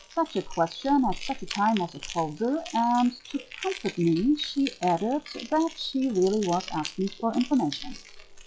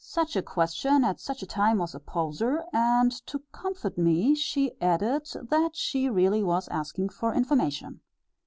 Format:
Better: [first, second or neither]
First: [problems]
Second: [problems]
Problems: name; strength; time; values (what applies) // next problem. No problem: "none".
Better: second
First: noise reduction (classical method log-MMSE)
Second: none